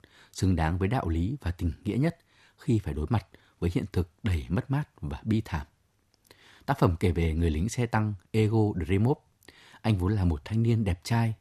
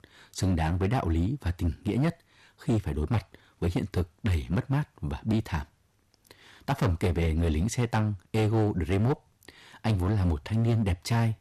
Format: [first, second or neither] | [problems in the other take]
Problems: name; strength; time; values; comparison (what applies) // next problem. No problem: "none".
first | distortion; slight; 8% of the sound clipped